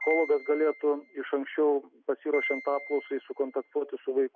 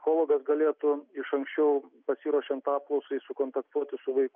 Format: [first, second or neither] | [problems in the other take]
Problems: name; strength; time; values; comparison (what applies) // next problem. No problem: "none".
second | background sound (Piano); 12 dB below the speech